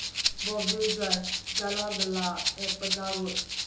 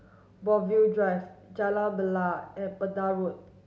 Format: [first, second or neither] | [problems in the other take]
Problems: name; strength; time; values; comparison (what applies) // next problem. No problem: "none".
second | background sound (Rattle (instrument)); 2 dB above the speech // room echo; dies away in 0.3 s